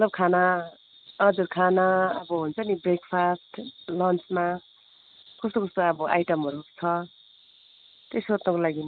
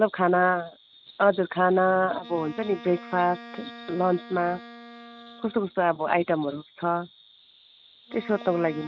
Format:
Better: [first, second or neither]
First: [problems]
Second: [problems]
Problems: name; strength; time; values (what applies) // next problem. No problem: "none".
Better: first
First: none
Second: background sound (Wind instrument, woodwind instrument); 20 dB below the speech